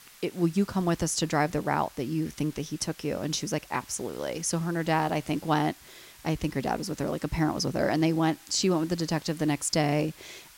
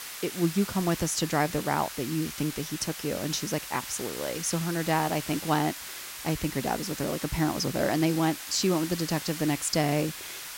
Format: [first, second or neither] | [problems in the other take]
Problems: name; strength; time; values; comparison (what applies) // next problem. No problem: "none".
first | hiss; loud; throughout; 8 dB below the speech; faint in the first